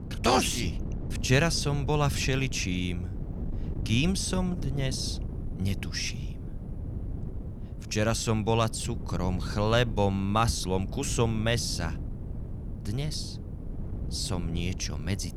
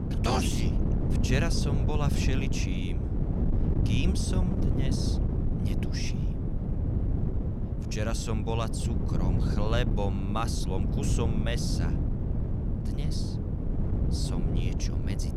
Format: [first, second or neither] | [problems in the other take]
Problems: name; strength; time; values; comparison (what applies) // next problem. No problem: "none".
first | wind noise on the microphone; heavy; 3 dB below the speech; occasional gusts in the first